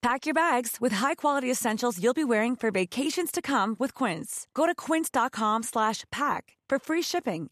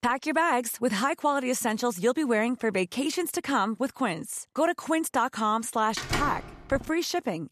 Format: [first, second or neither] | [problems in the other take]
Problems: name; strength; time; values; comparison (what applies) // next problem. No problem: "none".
first | door banging; noticeable; at 6 s; peak 4 dB below the speech